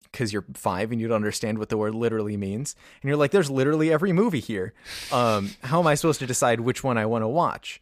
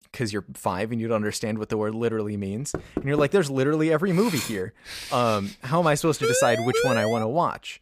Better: first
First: none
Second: door banging; noticeable; at 2.5 s; peak 7 dB below the speech // clattering dishes; noticeable; at 4 s; peak 6 dB below the speech // siren; loud; from 6 to 7 s; peak 1 dB above the speech

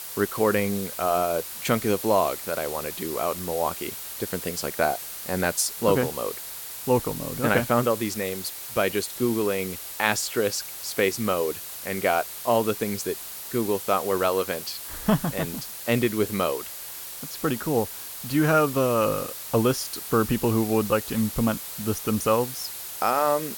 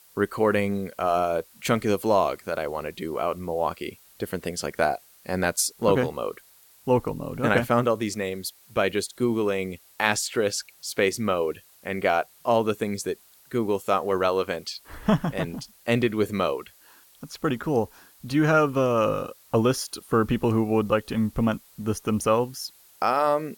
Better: second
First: hiss; loud; throughout; 8 dB below the speech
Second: hiss; faint; throughout; 25 dB below the speech

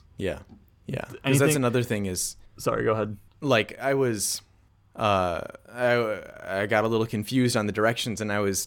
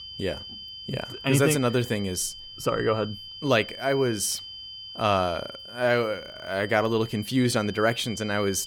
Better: first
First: none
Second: high-pitched whine; noticeable; throughout; 3 kHz, 15 dB below the speech

